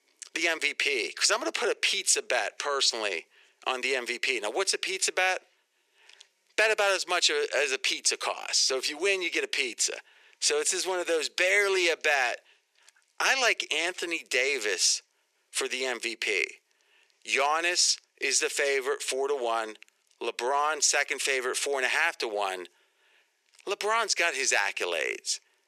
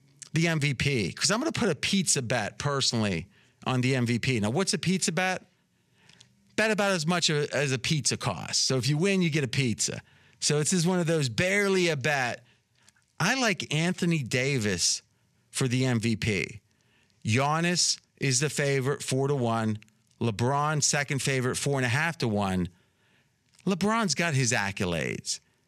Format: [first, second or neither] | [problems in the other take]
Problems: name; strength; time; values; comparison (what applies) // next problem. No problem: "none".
second | thin; very; fading below 350 Hz